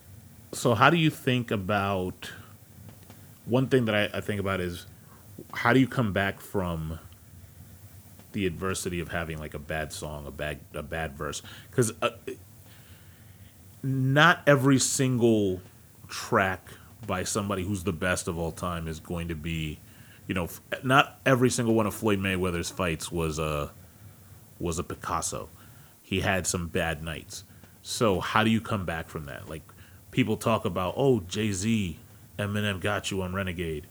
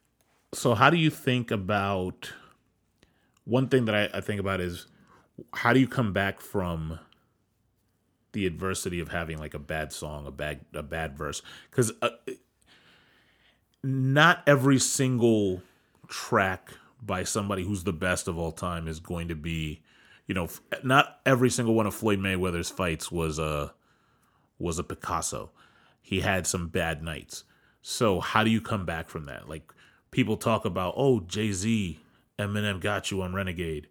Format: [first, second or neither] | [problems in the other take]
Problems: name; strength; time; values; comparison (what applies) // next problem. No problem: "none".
second | hiss; faint; throughout; 25 dB below the speech